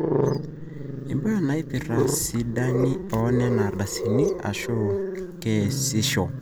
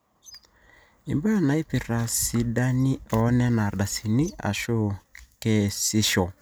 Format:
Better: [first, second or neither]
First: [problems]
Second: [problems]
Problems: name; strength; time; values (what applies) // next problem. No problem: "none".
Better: second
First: background sound (Growling); 1 dB below the speech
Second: none